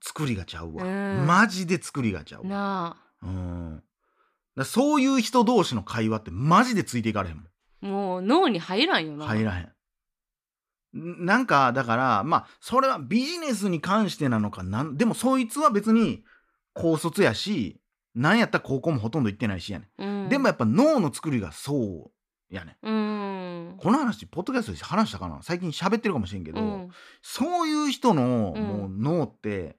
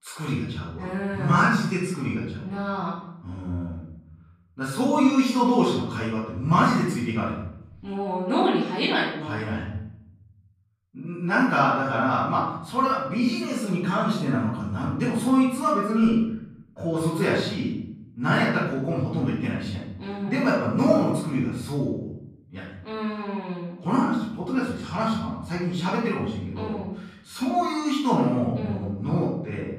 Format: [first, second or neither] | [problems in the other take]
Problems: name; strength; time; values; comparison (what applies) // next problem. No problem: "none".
first | off-mic speech; far // room echo; noticeable; dies away in 0.7 s